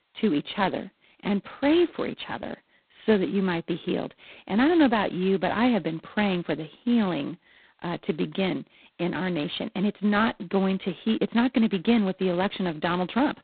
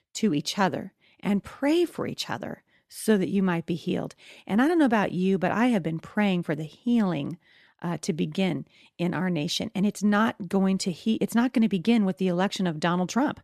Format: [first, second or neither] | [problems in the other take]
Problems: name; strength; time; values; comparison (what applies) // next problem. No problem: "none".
second | phone-call audio; poor line; nothing above 4 kHz